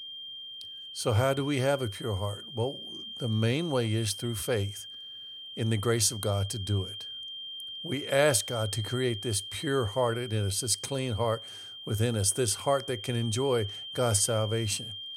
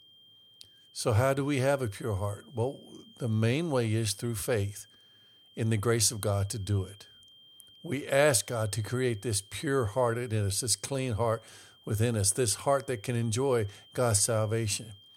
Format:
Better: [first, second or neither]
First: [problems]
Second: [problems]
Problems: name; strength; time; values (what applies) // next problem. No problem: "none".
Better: second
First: high-pitched whine; loud; throughout; 3 kHz, 10 dB below the speech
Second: high-pitched whine; faint; throughout; 3 kHz, 25 dB below the speech